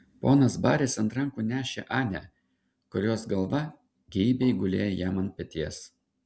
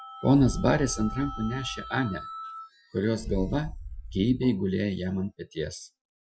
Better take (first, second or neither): first